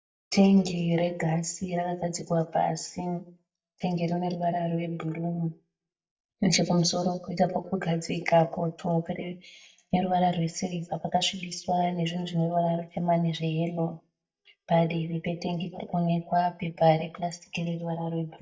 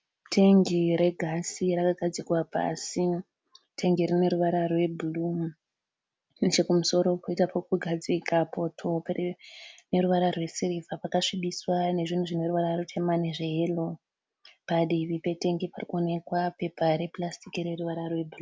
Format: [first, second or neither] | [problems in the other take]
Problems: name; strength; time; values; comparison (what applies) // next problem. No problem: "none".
second | noise reduction (neural mask model DeepFilterNet 3)